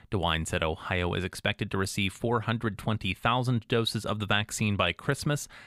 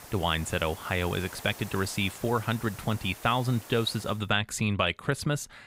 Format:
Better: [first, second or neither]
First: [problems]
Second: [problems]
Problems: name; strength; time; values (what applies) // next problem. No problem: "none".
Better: first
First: none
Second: hiss; noticeable; until 4 s; 15 dB below the speech